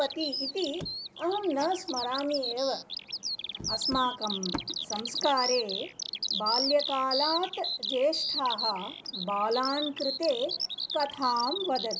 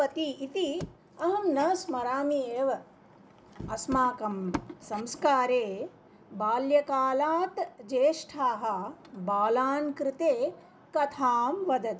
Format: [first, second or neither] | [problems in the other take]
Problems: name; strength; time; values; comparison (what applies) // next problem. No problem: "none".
second | background sound (Bird vocalization, bird call, bird song); 4 dB below the speech